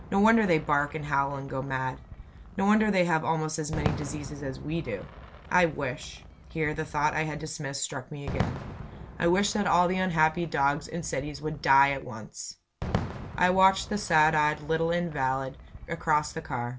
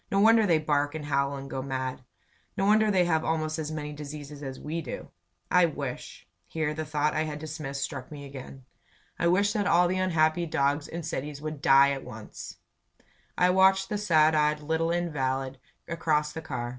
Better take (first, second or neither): second